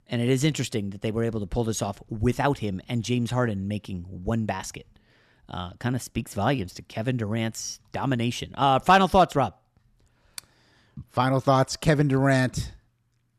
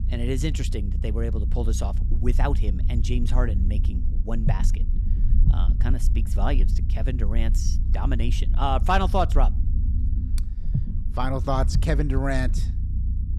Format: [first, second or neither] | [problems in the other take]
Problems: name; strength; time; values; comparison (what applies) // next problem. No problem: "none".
first | low rumble; noticeable; throughout; 15 dB below the speech